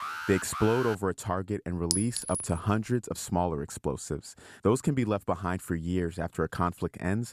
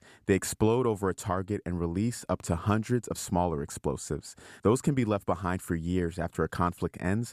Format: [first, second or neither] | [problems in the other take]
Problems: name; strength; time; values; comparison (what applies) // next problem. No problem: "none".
second | alarm; noticeable; at the start; peak 5 dB below the speech // clattering dishes; loud; at 2 s; peak 1 dB above the speech